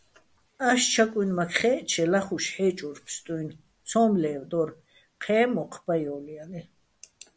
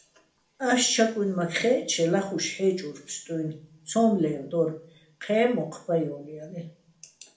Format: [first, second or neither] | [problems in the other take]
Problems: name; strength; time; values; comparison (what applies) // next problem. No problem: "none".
first | room echo; dies away in 0.4 s